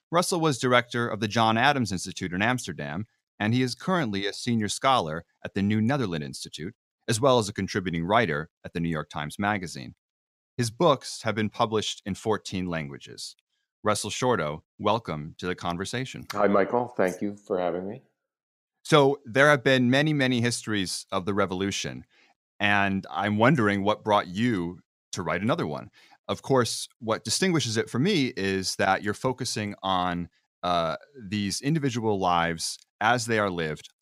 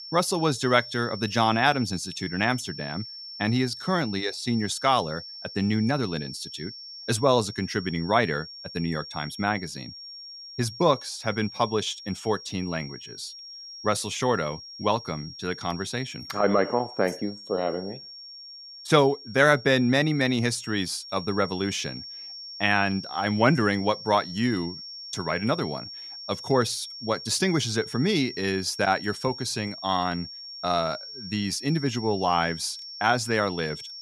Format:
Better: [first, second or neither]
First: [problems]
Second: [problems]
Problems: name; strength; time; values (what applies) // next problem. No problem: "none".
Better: first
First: none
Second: high-pitched whine; noticeable; throughout; 5.5 kHz, 10 dB below the speech